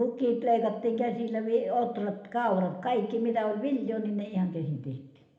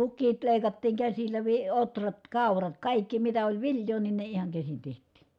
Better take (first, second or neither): second